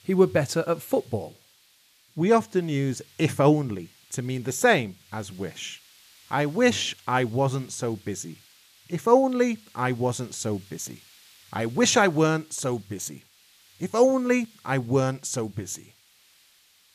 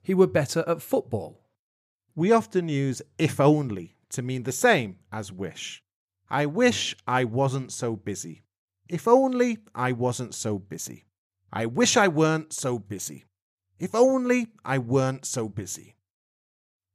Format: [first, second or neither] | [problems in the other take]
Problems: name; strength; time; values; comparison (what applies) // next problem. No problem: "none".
second | hiss; faint; throughout; 30 dB below the speech